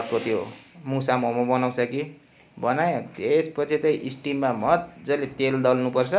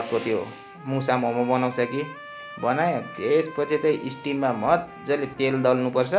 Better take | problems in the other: first | background sound (Trumpet); 17 dB below the speech

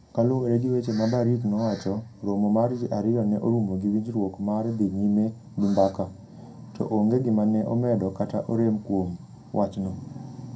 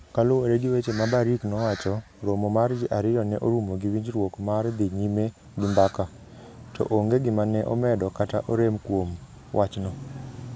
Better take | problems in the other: second | room echo; dies away in 0.2 s

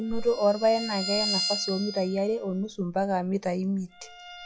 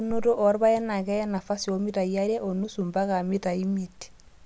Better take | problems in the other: second | noise reduction (classical method log-MMSE)

